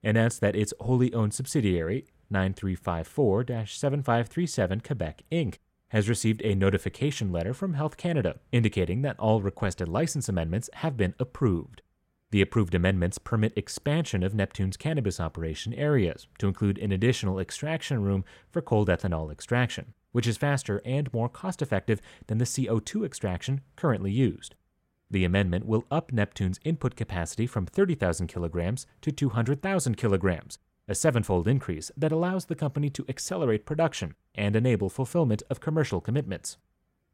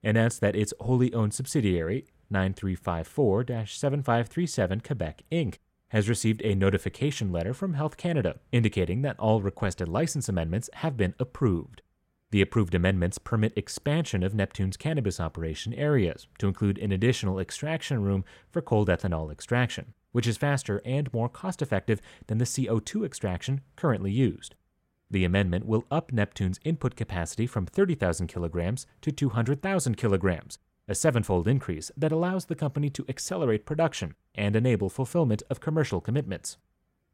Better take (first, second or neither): neither